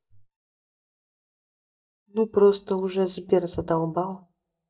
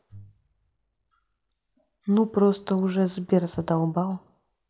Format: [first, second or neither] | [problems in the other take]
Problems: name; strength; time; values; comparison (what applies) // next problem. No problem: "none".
second | noise reduction (neural mask model DeepFilterNet 3)